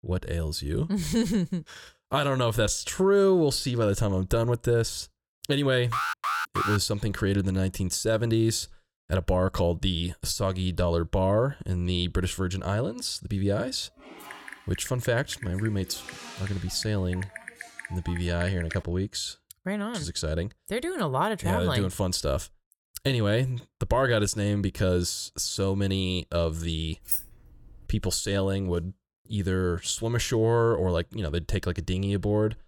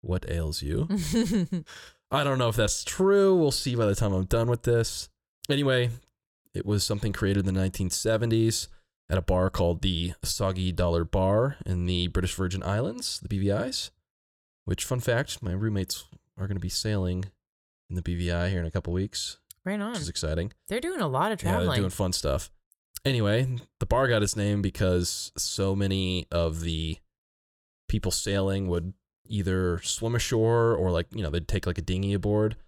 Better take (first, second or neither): second